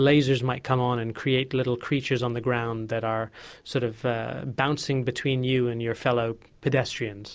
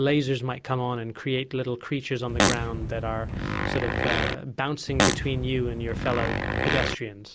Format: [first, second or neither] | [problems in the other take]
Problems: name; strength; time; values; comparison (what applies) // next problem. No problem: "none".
first | background sound (Fart); 2 dB above the speech